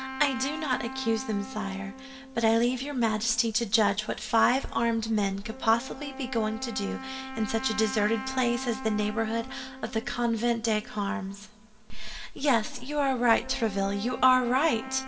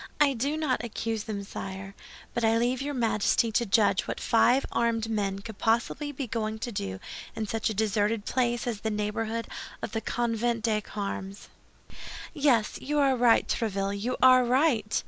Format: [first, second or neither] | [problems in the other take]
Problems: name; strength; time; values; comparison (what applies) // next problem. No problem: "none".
second | background sound (Wind instrument, woodwind instrument); 14 dB below the speech // room echo; dies away in 1.5 s